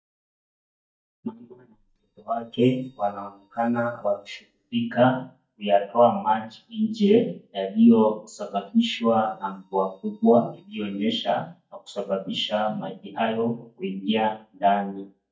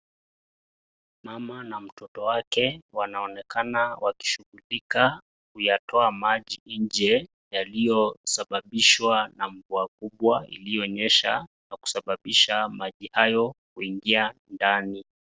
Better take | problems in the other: second | noise reduction (neural mask model DeepFilterNet 3)

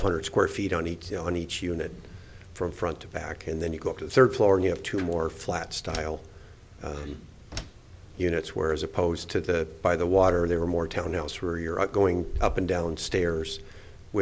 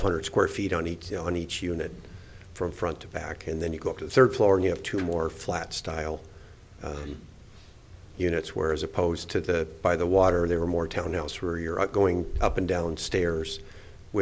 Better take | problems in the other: second | background sound (Slam); 17 dB below the speech

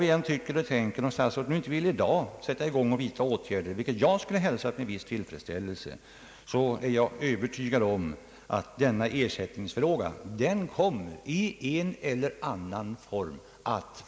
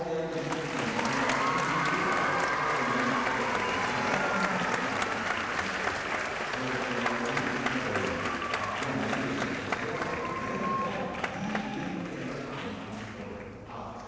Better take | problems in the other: first | background sound (Applause); 3 dB above the speech // room echo; dies away in 2.1 s

